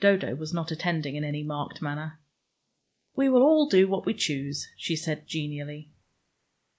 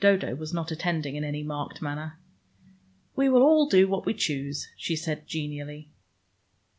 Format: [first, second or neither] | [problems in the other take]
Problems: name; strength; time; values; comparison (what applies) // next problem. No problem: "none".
second | noise reduction (neural mask model Resemble Enhance denoiser)